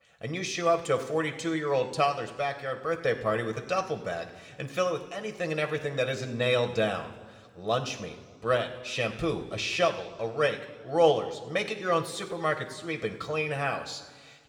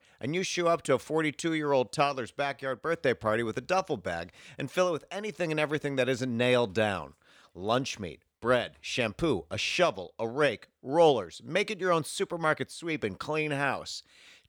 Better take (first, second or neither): second